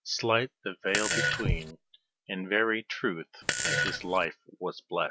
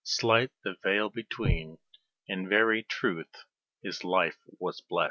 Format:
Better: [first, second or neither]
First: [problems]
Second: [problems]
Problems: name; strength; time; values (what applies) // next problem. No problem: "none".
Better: second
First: background sound (Fart); 1 dB above the speech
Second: none